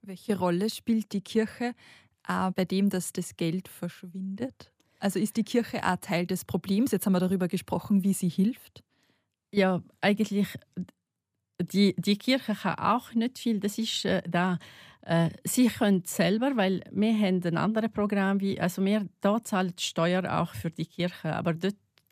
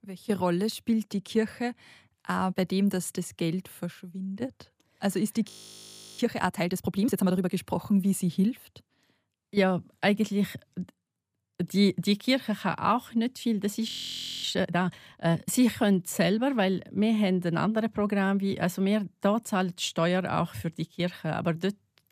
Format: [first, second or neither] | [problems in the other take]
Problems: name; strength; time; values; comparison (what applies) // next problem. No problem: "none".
first | audio freezing; at 5.5 s for 0.5 s and at 14 s for 0.5 s